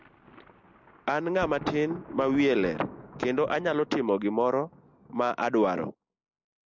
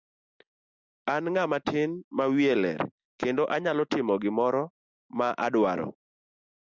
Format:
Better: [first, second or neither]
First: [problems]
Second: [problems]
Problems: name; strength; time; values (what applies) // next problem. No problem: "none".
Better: second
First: background sound (Thunder); 18 dB below the speech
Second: none